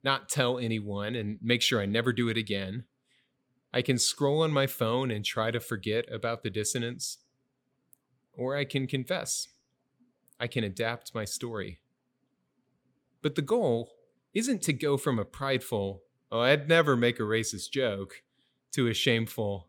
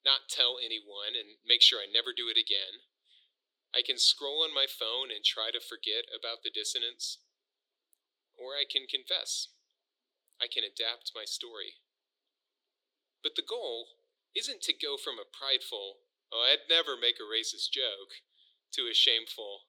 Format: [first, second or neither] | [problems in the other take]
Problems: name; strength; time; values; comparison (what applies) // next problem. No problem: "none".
first | thin; very; fading below 350 Hz